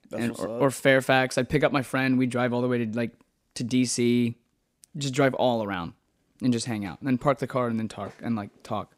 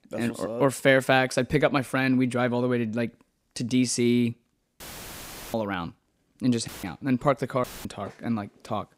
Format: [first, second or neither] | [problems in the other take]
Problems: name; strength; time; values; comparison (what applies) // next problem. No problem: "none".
first | audio cutting out; filled with static; at 5 s for 0.5 s, at 6.5 s and at 7.5 s